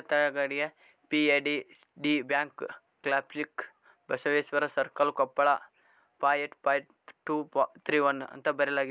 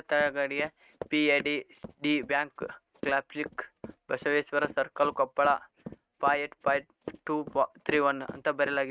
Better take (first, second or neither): first